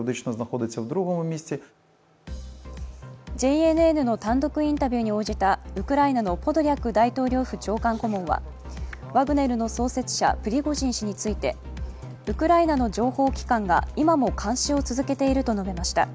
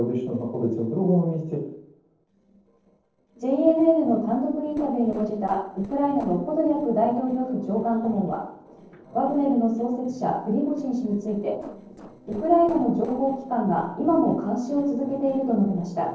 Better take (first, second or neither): first